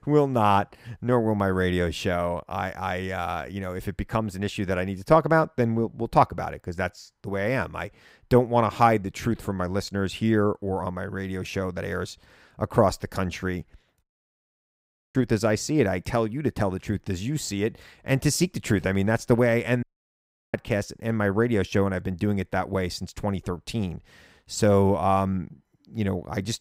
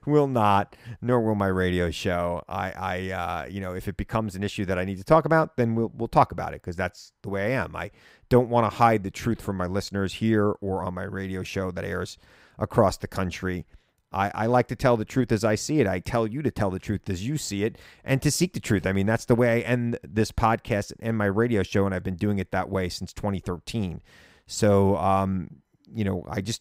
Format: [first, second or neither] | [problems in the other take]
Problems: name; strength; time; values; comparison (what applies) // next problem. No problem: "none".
second | audio cutting out; at 14 s for 1 s and at 20 s for 0.5 s